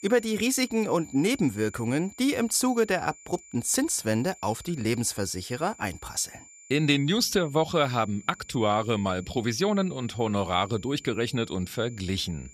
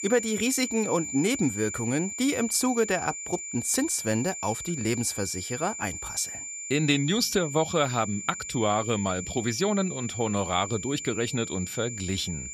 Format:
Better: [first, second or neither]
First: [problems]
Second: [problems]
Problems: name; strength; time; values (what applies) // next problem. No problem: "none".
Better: first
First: high-pitched whine; faint; throughout; 7 kHz, 20 dB below the speech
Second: high-pitched whine; loud; throughout; 7 kHz, 7 dB below the speech